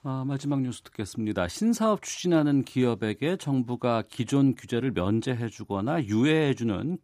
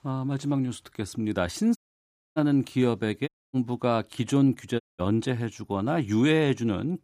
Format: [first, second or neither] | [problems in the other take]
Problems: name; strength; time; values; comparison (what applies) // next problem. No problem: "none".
first | audio cutting out; at 2 s for 0.5 s, at 3.5 s and at 5 s